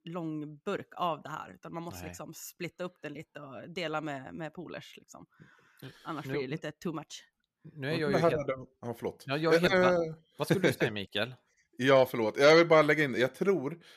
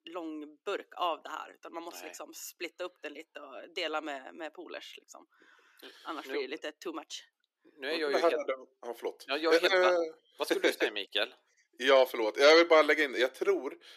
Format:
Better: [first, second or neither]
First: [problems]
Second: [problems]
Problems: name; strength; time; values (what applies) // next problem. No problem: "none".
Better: first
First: none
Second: thin; somewhat; fading below 300 Hz